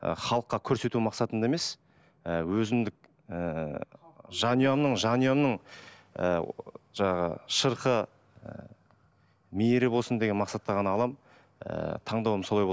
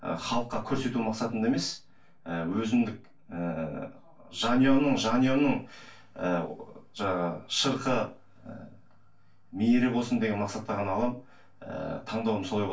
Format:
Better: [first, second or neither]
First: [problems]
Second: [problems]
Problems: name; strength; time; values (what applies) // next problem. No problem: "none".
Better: first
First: none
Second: room echo; dies away in 0.2 s